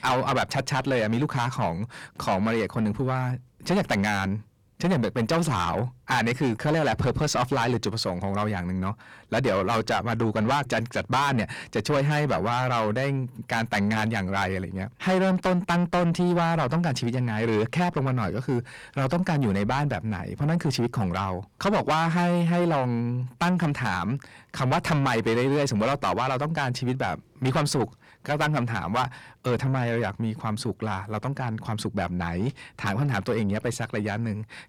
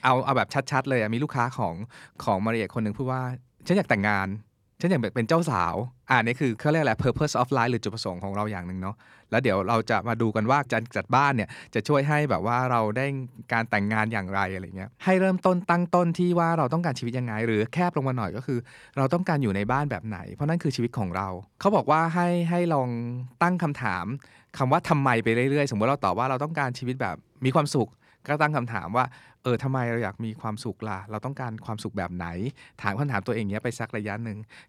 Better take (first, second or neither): second